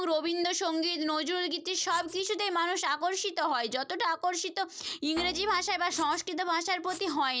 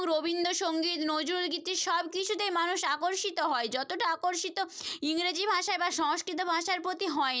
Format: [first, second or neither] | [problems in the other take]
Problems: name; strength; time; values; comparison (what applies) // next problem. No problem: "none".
second | background sound (Guitar + Writing); 17 dB below the speech